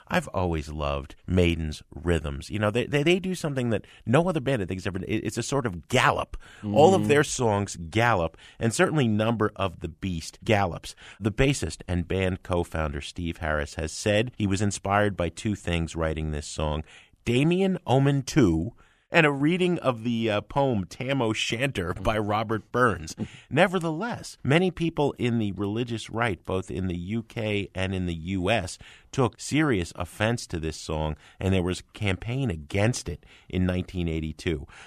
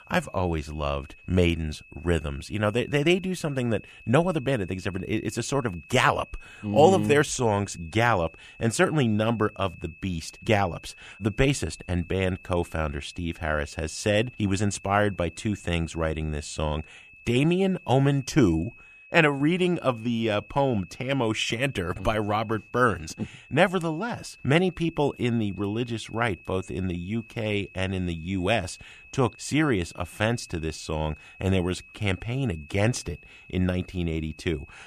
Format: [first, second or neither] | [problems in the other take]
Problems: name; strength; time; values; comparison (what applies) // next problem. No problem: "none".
first | high-pitched whine; faint; throughout; 2.5 kHz, 20 dB below the speech